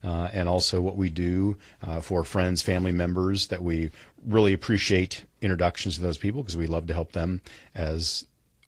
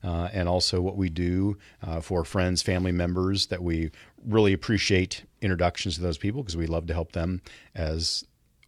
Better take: second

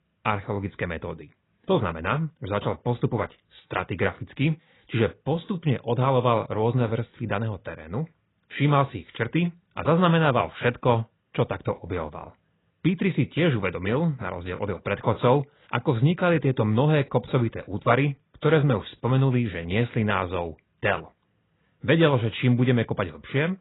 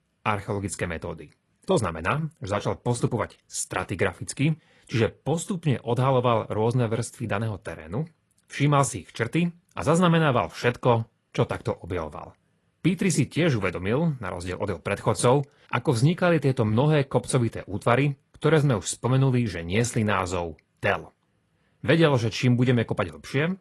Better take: second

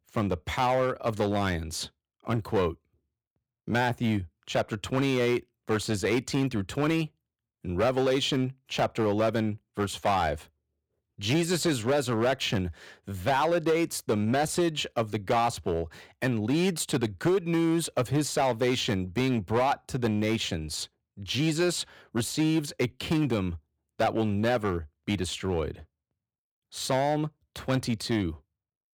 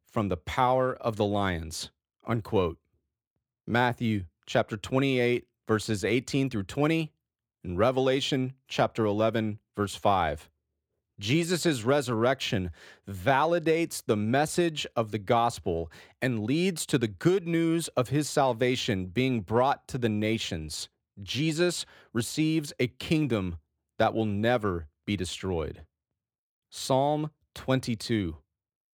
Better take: second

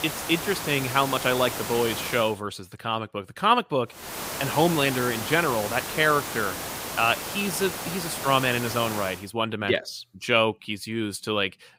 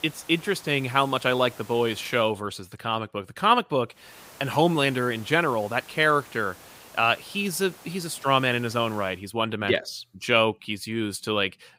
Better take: second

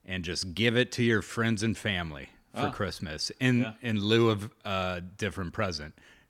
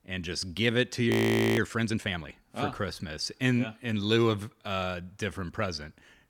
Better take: first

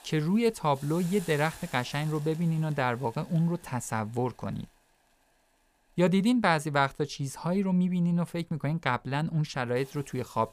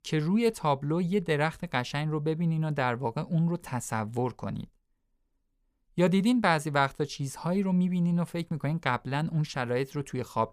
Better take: second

